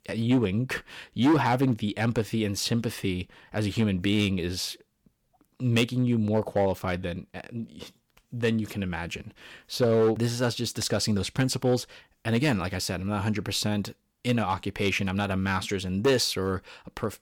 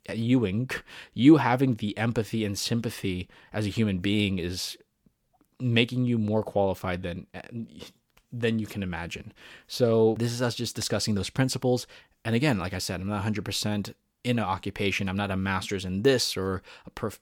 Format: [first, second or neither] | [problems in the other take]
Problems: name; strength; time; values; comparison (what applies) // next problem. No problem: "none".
second | distortion; slight; 2% of the sound clipped